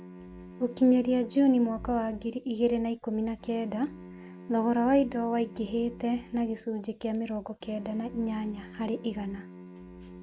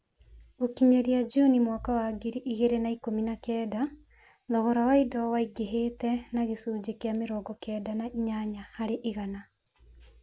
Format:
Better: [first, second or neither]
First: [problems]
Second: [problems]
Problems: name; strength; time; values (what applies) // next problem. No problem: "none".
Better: second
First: background sound (Bowed string instrument); 18 dB below the speech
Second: none